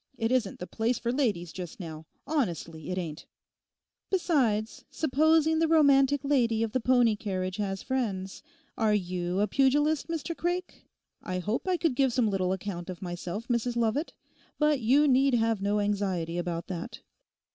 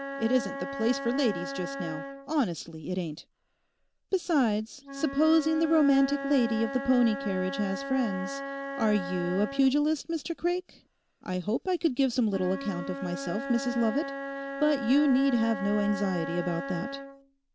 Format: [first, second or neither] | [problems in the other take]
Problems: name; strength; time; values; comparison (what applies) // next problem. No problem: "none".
first | background sound (Wind instrument, woodwind instrument); 9 dB below the speech